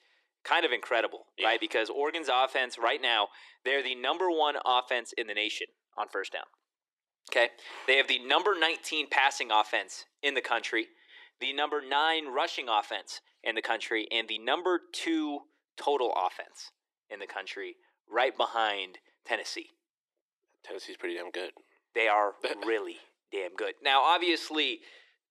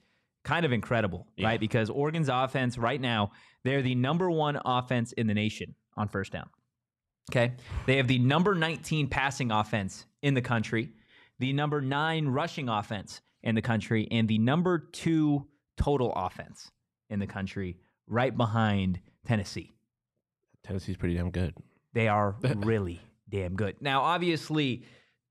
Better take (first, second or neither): second